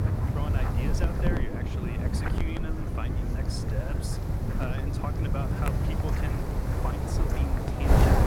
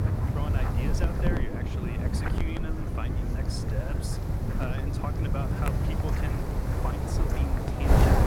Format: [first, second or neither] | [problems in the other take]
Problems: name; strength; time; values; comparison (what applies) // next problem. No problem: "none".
neither | wind noise on the microphone; heavy; 4 dB above the speech; the same in both